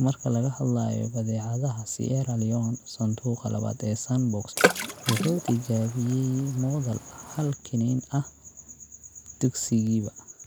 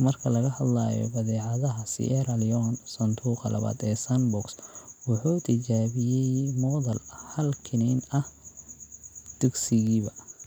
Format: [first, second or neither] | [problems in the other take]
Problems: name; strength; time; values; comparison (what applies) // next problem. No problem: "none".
second | background sound (Water / Splash, splatter); 3 dB below the speech